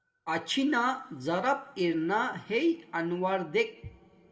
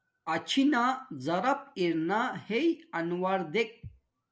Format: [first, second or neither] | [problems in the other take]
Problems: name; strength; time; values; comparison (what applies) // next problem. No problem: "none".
second | room echo; dies away in 2.2 s